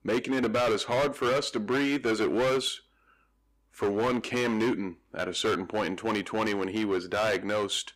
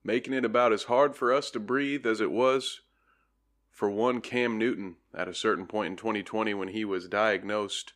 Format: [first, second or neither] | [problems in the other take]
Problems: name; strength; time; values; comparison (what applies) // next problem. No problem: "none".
second | distortion; heavy; 15% of the sound clipped